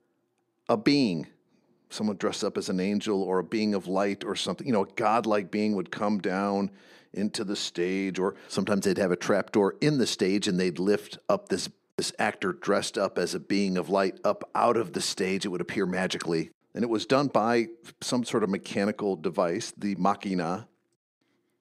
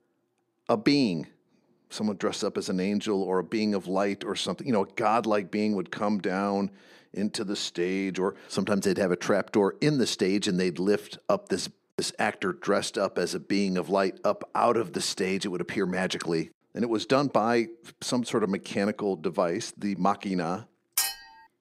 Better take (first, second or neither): first